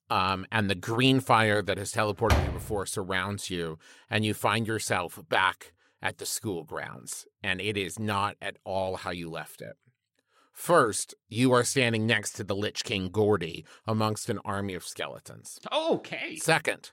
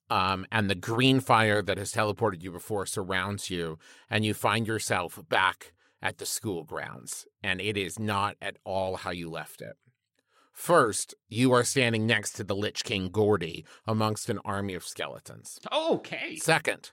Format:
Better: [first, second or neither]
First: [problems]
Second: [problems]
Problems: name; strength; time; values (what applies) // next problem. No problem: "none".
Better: second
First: door banging; loud; at 2.5 s; peak 1 dB above the speech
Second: none